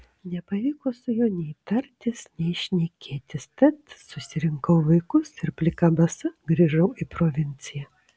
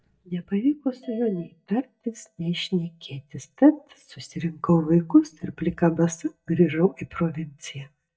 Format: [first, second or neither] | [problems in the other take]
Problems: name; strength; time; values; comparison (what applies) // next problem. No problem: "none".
first | noise reduction (neural mask model DeepFilterNet 3)